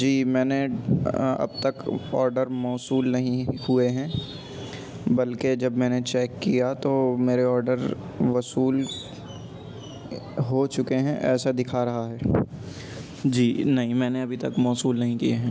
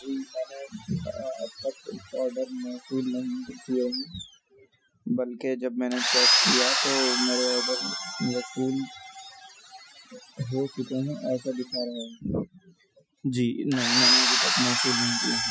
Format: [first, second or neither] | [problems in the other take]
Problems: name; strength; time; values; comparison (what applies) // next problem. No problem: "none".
first | noise reduction (classical method Wiener filter)